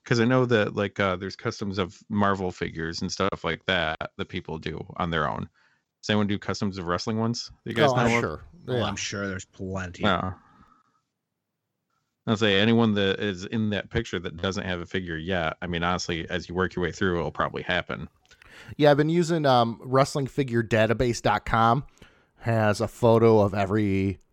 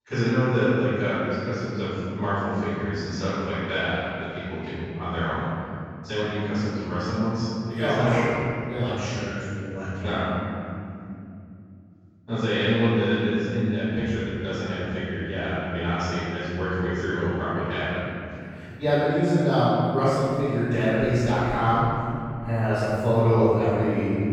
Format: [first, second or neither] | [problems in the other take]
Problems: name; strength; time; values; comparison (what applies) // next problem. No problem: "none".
first | off-mic speech; far // room echo; strong; dies away in 3 s